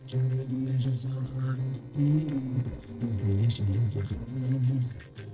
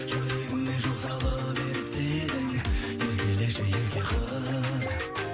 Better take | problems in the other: second | noise reduction (neural separator model SepFormer DNS4)

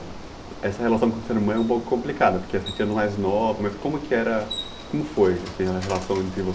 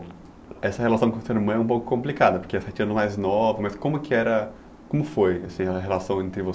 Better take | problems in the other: second | background sound (Bicycle); 13 dB below the speech // room echo; dies away in 0.3 s

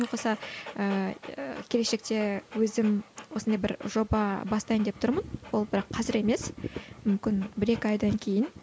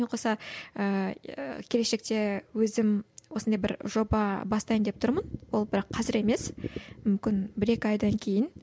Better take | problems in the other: second | background sound (Dog); 20 dB below the speech

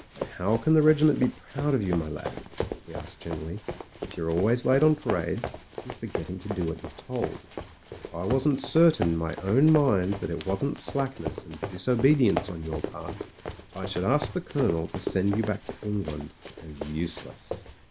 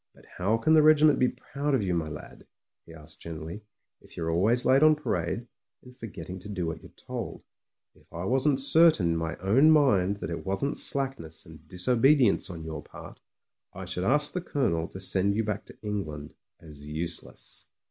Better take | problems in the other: second | background sound (Run); 10 dB below the speech

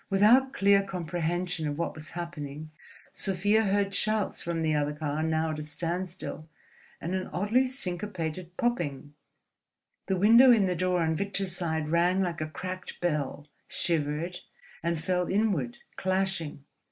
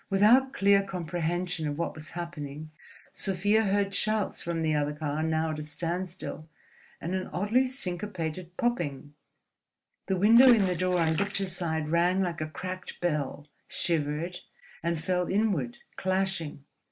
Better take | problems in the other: first | noise reduction (neural mask model Resemble Enhance denoiser)

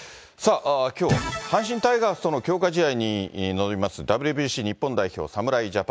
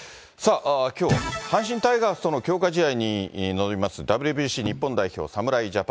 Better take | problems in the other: first | background sound (Percussion); 15 dB below the speech

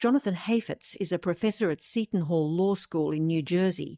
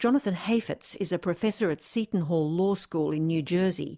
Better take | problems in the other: second | noise reduction (neural mask model DeepFilterNet 3)

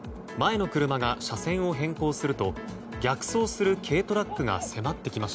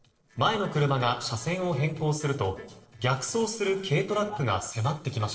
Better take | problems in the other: first | noise reduction (neural separator model SepFormer DNS4)

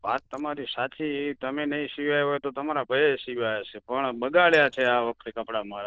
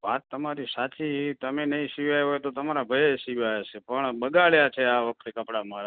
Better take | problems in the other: second | noise reduction (neural diffusion model UNIVERSE++)

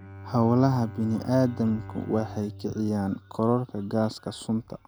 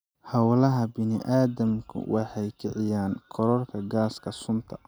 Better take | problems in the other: second | background sound (Bowed string instrument); 16 dB below the speech

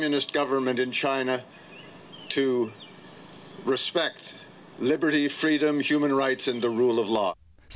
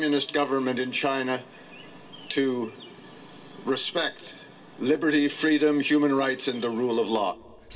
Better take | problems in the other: first | room echo; dies away in 0.3 s

